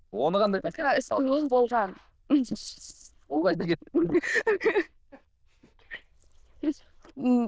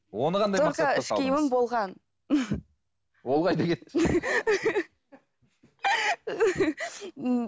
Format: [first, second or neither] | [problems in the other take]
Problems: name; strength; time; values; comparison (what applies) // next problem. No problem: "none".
second | noise reduction (neural diffusion model UNIVERSE++)